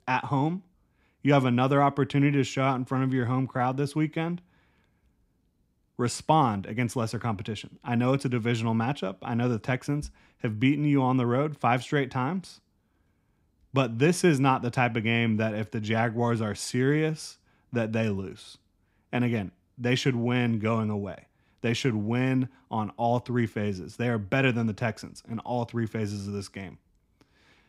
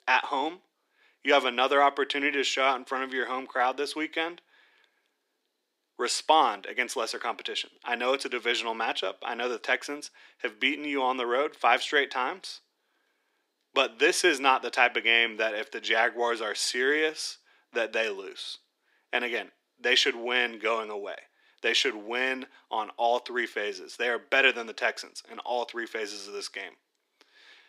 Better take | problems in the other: first | thin; very; fading below 350 Hz

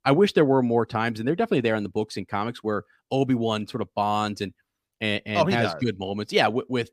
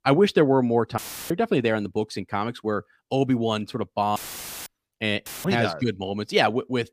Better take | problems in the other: first | audio cutting out; filled with static; at 1 s, at 4 s for 0.5 s and at 5.5 s

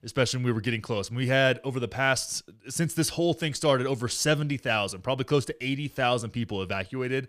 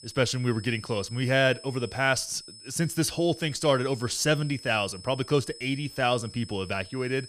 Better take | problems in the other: first | high-pitched whine; noticeable; throughout; 5 kHz, 15 dB below the speech

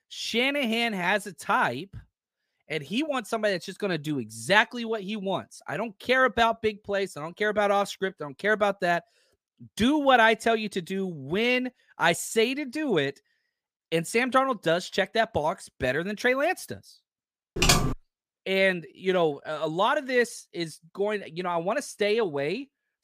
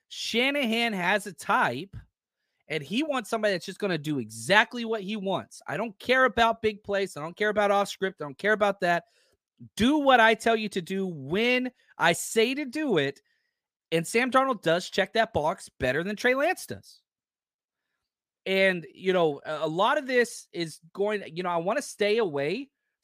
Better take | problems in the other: second | keyboard typing; loud; at 18 s; peak 5 dB above the speech

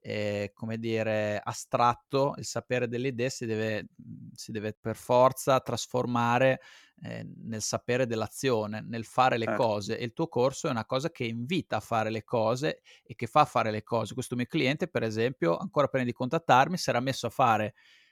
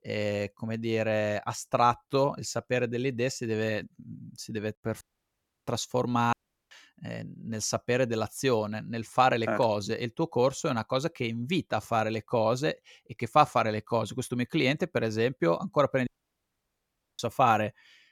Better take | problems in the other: first | audio cutting out; at 5 s for 0.5 s, at 6.5 s and at 16 s for 1 s

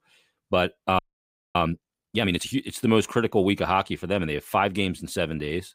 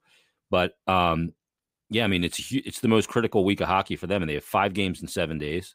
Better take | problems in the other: second | audio freezing; at 1 s for 0.5 s

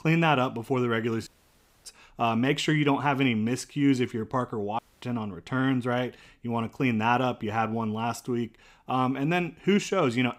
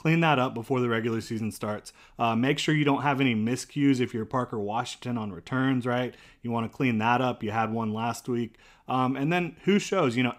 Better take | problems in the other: second | audio cutting out; at 1.5 s for 0.5 s and at 5 s

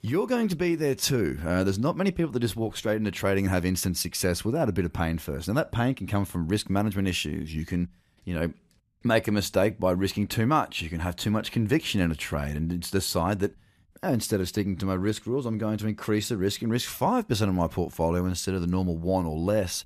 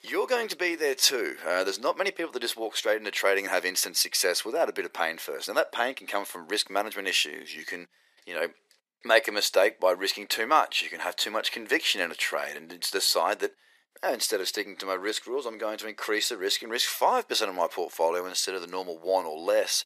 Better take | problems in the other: first | thin; very; fading below 450 Hz

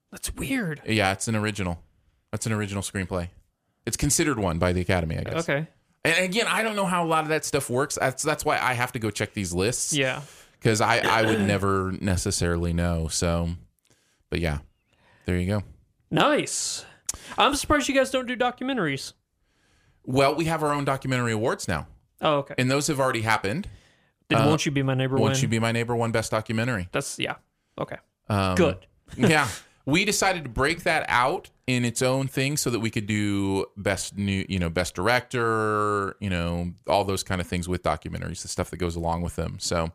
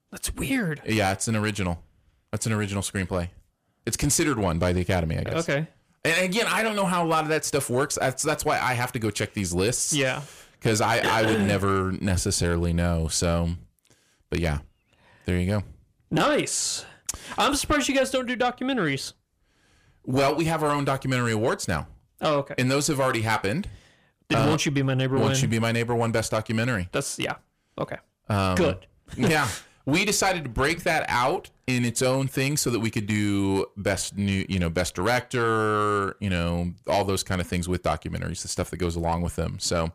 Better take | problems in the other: first | distortion; slight; 10 dB below the speech

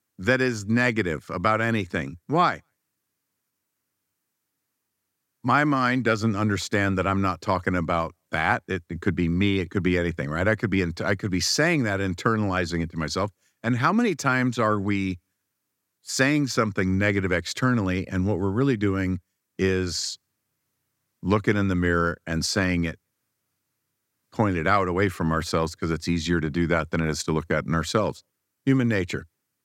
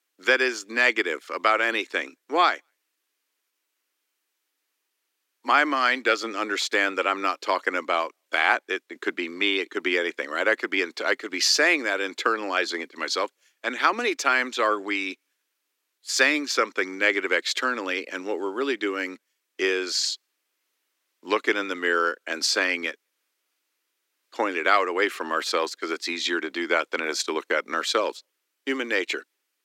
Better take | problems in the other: first | thin; very; fading below 300 Hz

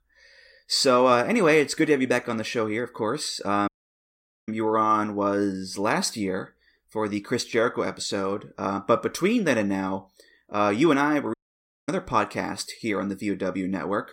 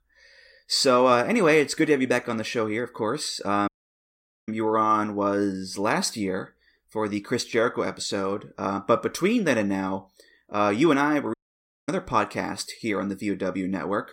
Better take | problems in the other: neither | audio cutting out; at 3.5 s for 1 s and at 11 s for 0.5 s; the same in both

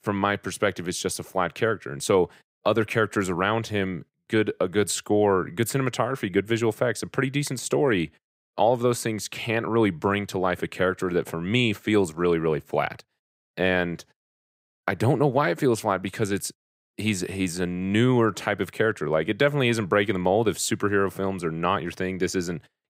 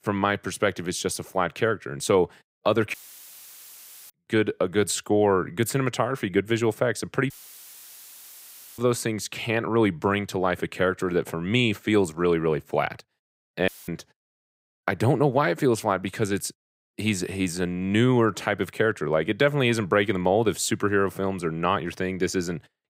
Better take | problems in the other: first | audio cutting out; filled with static; at 3 s for 1 s, at 7.5 s for 1.5 s and at 14 s

